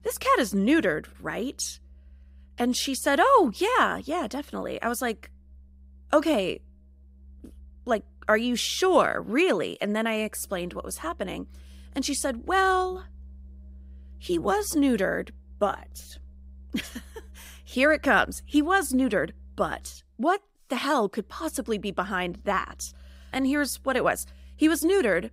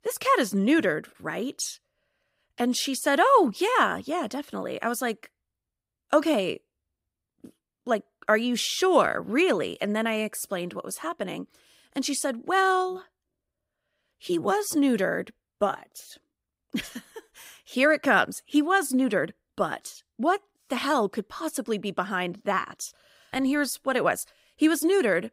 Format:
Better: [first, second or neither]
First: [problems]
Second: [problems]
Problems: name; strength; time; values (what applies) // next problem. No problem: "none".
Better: second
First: background music; faint; throughout; 25 dB below the speech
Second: none